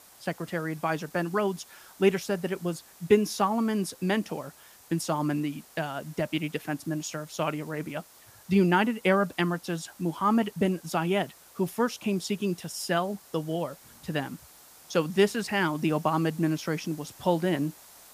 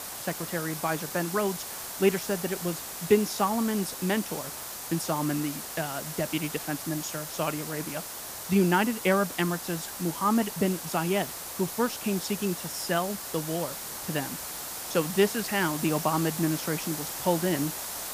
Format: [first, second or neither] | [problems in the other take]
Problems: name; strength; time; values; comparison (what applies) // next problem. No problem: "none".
first | hiss; loud; throughout; 6 dB below the speech; faint in the first